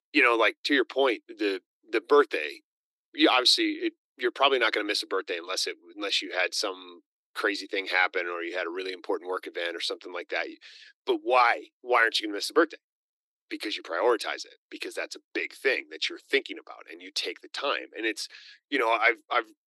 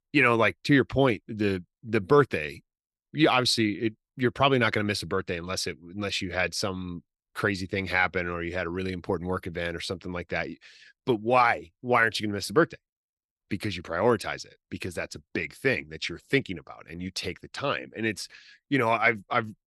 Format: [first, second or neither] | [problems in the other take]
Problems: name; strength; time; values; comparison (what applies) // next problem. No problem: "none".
second | thin; somewhat; fading below 300 Hz